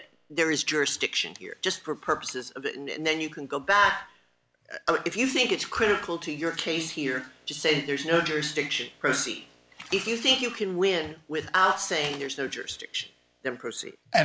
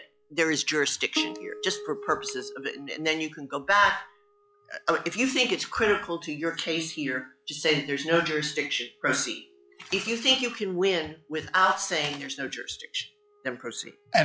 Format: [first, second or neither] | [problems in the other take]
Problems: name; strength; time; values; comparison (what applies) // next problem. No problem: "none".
first | noise reduction (classical method log-MMSE)